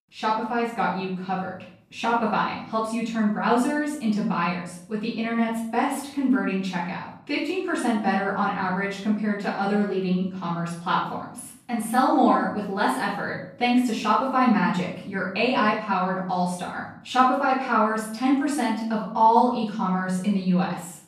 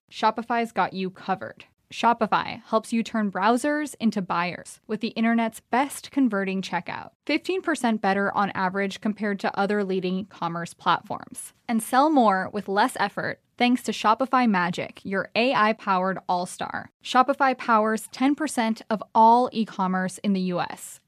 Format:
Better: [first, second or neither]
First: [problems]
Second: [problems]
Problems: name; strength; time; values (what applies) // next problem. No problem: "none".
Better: second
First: off-mic speech; far // room echo; noticeable; dies away in 0.5 s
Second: none